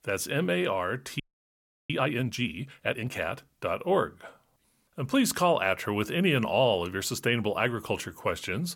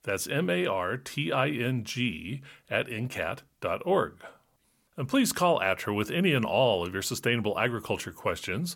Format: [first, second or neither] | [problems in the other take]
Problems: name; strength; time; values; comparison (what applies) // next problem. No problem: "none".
second | audio freezing; at 1 s for 0.5 s